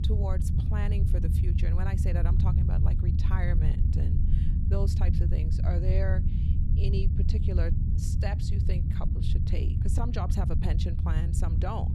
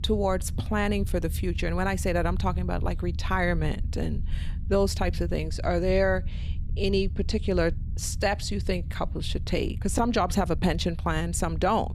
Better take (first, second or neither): second